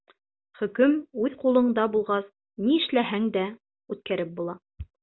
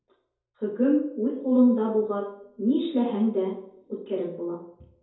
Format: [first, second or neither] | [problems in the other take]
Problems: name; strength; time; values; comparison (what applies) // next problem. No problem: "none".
first | room echo; dies away in 2.3 s